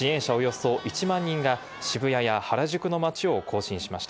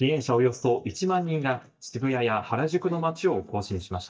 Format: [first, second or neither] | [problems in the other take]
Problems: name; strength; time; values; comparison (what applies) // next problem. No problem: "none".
first | noise reduction (neural mask model DeepFilterNet 3)